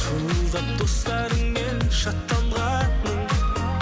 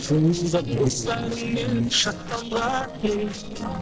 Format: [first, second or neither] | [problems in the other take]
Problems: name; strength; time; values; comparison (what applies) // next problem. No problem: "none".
first | noise reduction (neural separator model SepFormer DNS4)